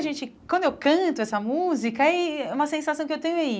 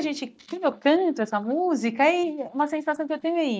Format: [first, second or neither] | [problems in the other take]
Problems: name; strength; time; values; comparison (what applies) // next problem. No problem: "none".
first | noise reduction (neural mask model DeepFilterNet 3)